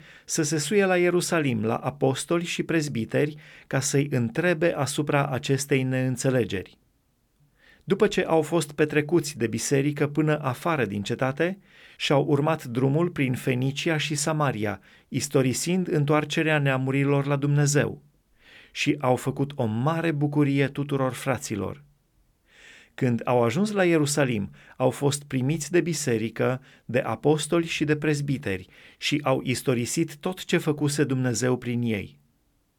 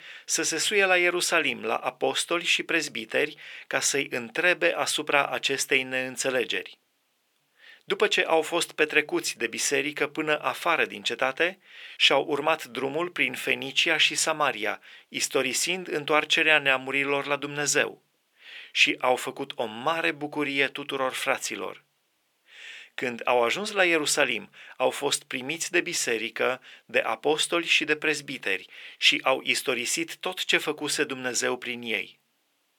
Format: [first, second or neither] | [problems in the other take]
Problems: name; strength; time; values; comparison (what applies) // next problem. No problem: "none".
first | thin; somewhat; fading below 500 Hz